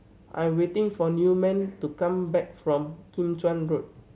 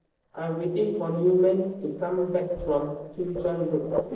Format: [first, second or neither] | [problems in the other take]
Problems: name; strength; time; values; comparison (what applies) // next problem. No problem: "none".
first | noise reduction (neural separator model SepFormer DNS4)